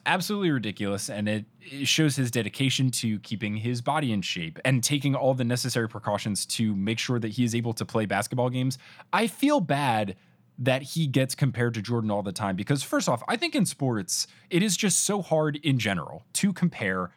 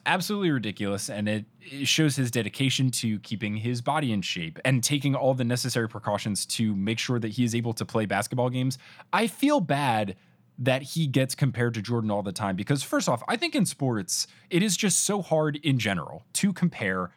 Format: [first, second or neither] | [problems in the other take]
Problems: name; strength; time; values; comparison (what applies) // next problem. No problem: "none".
neither | none